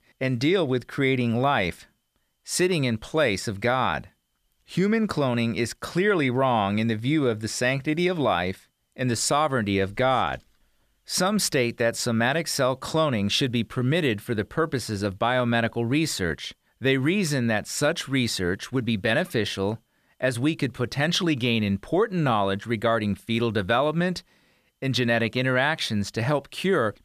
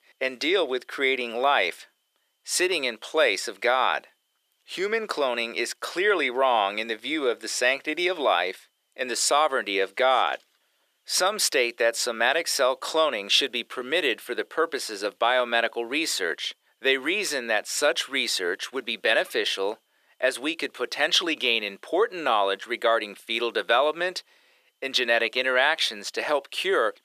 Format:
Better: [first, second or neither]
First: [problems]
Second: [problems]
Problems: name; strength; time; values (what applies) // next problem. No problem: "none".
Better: first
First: none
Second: thin; very; fading below 400 Hz